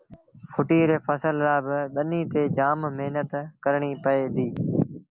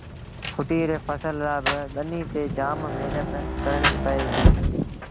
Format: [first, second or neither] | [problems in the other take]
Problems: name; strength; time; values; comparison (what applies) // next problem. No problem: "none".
first | background sound (Rain); 2 dB above the speech